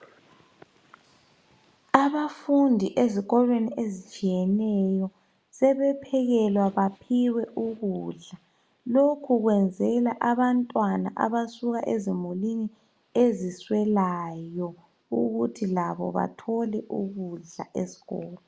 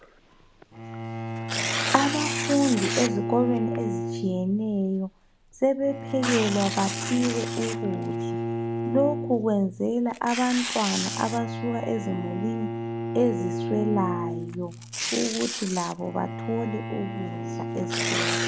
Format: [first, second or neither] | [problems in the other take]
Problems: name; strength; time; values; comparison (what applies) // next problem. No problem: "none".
first | background sound (Bowed string instrument + Tearing); 3 dB below the speech